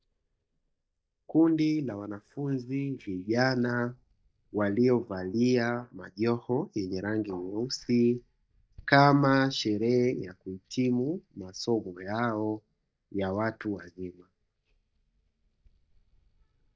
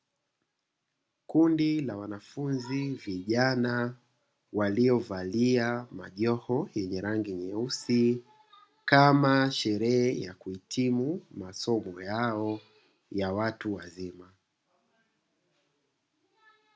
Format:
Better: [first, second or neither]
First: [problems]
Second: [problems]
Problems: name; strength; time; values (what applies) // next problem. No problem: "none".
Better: second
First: noise reduction (neural mask model DeepFilterNet 3)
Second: none